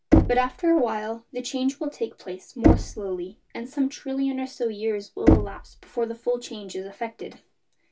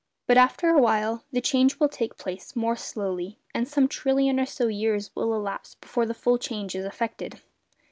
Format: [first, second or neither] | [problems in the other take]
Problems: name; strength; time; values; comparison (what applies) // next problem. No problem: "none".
second | background sound (Knock); 1 dB above the speech // room echo; dies away in 0.1 s